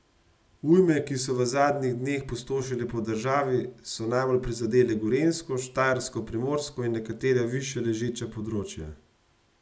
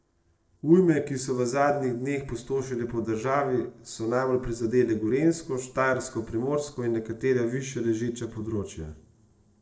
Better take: first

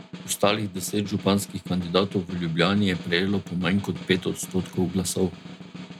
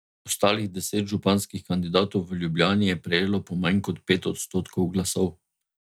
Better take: second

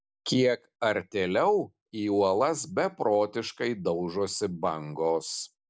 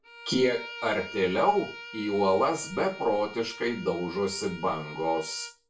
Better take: first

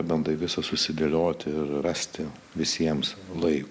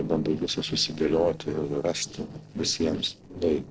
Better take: first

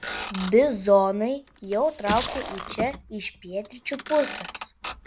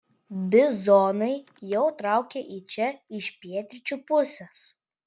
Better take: second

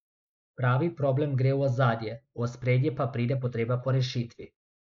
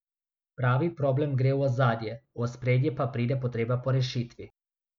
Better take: second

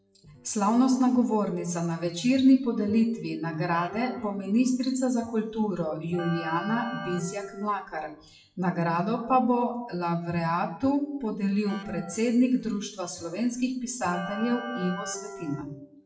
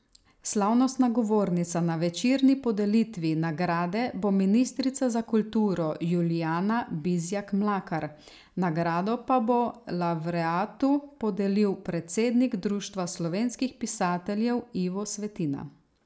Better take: second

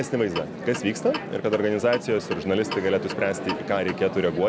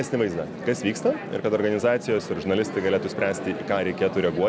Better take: second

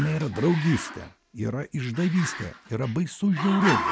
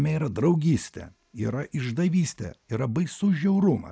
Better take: second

